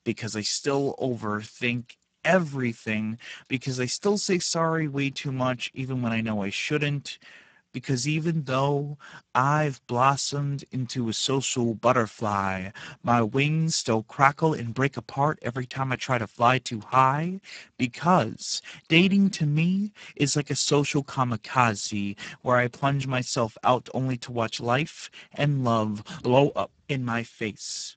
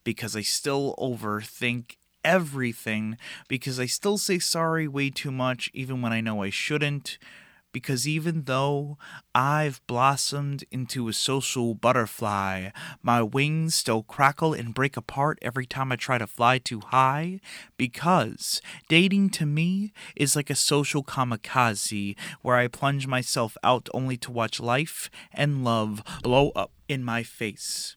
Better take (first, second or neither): second